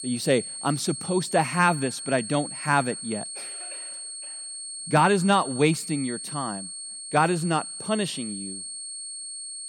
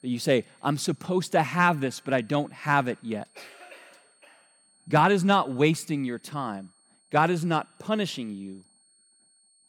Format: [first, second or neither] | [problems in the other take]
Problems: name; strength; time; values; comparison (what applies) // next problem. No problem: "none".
second | high-pitched whine; loud; throughout; 8.5 kHz, 8 dB below the speech; faint in the second